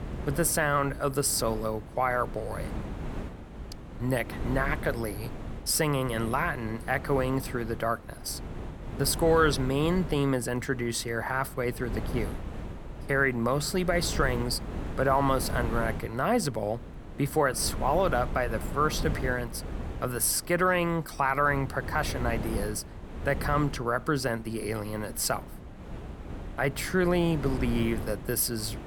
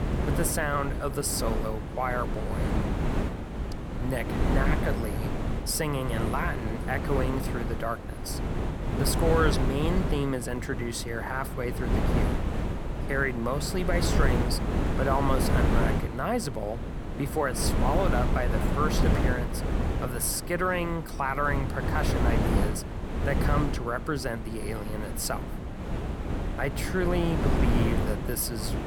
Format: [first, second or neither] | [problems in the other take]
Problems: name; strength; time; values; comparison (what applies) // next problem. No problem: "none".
first | wind noise on the microphone; heavy; 4 dB below the speech; occasional gusts in the first